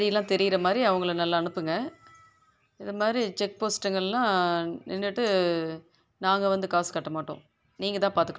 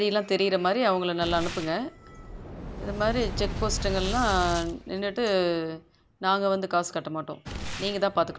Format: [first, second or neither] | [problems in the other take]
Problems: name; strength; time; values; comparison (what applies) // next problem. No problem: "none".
first | background sound (Boom); 9 dB below the speech